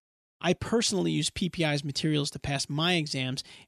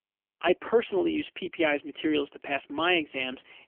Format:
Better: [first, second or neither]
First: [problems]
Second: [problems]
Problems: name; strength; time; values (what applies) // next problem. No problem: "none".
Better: first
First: none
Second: phone-call audio; poor line; nothing above 3 kHz